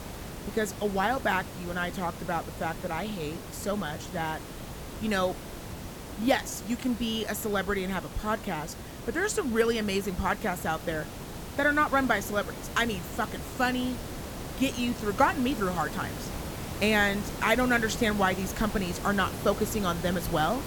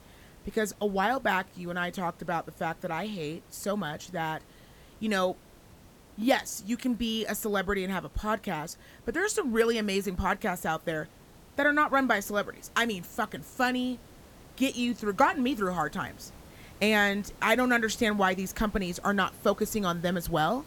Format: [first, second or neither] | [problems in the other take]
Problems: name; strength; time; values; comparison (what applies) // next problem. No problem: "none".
second | hiss; loud; throughout; 10 dB below the speech; faint in the second